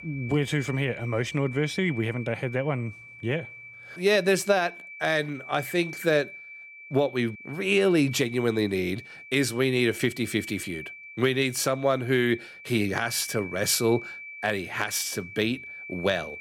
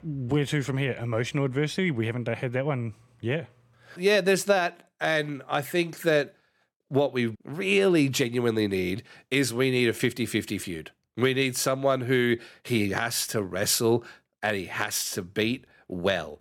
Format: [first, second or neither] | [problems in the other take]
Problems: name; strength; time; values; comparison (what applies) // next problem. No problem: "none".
second | high-pitched whine; noticeable; throughout; 2.5 kHz, 15 dB below the speech